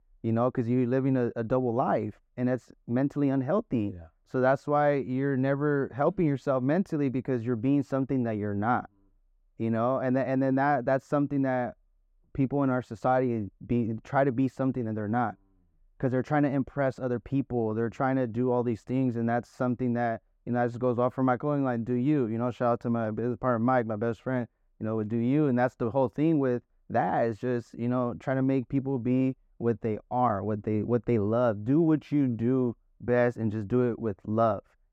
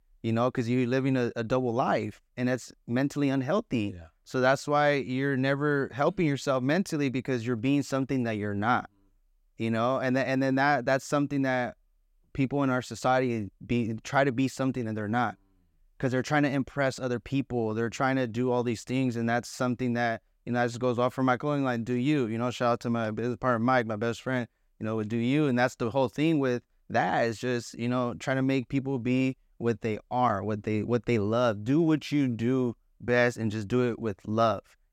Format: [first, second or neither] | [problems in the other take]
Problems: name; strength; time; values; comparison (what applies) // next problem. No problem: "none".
second | muffled; very; fading above 2 kHz